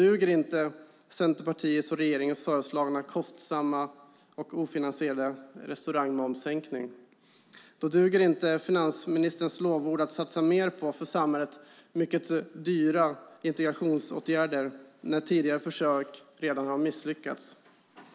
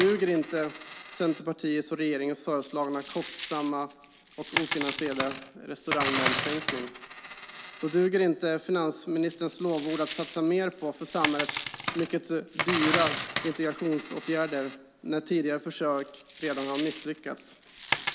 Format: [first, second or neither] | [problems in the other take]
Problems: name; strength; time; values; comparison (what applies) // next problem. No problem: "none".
first | background sound (Coin (dropping)); 6 dB below the speech